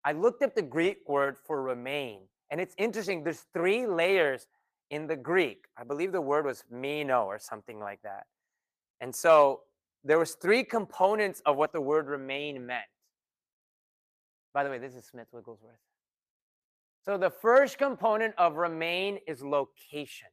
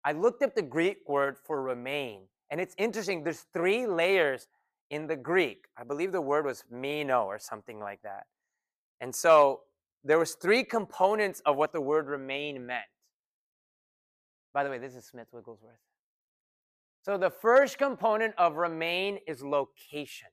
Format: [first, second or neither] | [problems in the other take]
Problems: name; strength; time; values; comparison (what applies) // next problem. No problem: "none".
second | garbled, watery; slightly; nothing above 14.5 kHz